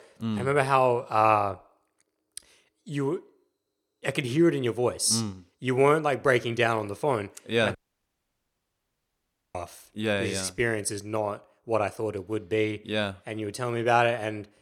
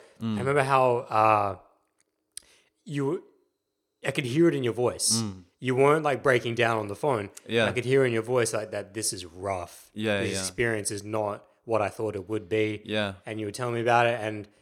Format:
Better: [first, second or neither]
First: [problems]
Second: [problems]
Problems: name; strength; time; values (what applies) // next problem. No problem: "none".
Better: second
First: audio cutting out; at 8 s for 2 s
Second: none